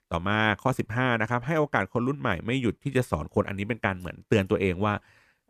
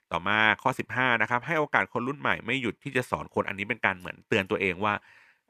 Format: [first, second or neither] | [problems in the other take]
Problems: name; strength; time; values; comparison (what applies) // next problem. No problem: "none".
first | thin; very slightly; fading below 400 Hz